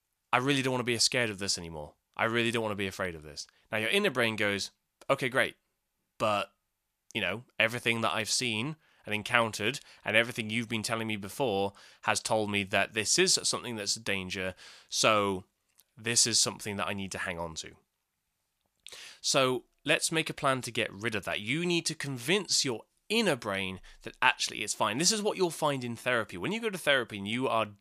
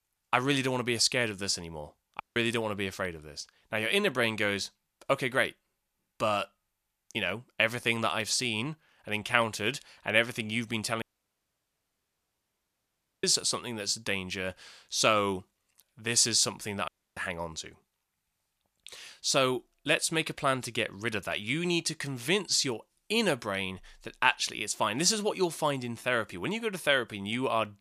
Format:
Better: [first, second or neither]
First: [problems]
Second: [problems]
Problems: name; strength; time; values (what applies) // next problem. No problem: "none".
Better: first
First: none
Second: audio cutting out; at 2 s, at 11 s for 2 s and at 17 s